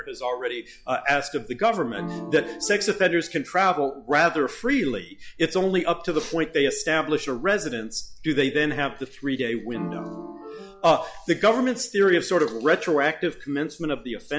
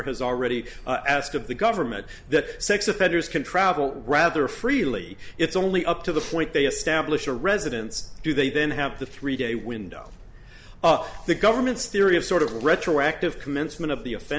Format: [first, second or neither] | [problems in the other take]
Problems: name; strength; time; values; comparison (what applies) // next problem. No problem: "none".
second | noise reduction (classical method log-MMSE)